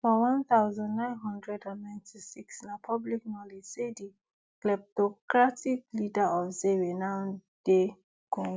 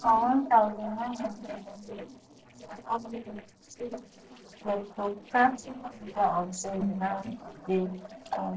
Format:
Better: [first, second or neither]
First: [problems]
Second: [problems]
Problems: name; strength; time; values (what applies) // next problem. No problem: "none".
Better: first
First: none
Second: noise reduction (neural separator model SepFormer DNS4)